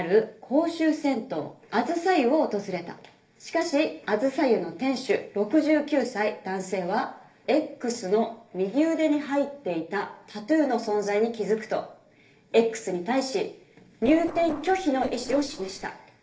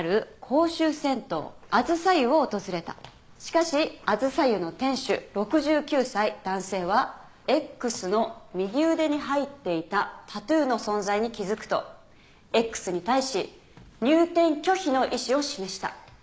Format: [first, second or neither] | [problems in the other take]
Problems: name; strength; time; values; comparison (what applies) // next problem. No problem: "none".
second | noise reduction (neural separator model SepFormer DNS4)